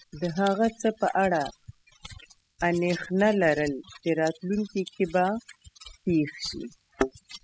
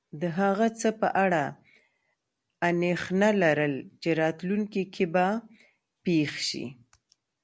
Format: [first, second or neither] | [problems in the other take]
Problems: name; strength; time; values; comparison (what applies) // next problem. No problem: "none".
second | noise reduction (classical method spectral subtraction)